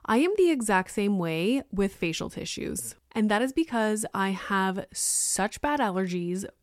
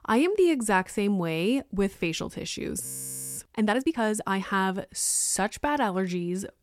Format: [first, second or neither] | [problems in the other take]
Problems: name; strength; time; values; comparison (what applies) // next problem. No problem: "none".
first | audio freezing; at 3 s for 0.5 s